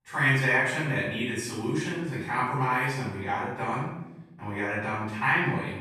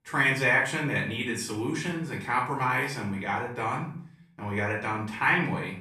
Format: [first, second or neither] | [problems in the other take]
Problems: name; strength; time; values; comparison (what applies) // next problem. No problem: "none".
second | room echo; strong; dies away in 0.8 s; slight in the second // off-mic speech; far; far in the second